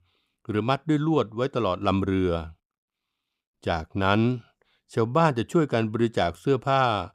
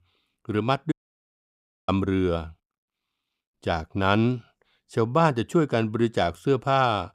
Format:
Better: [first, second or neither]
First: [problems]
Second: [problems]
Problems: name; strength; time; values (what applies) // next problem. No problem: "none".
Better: first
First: none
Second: audio cutting out; at 1 s for 1 s